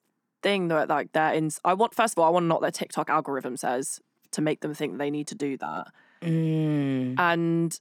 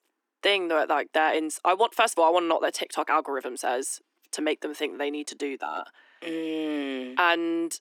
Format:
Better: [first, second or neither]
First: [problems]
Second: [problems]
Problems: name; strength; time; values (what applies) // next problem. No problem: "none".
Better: first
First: none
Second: thin; somewhat; fading below 300 Hz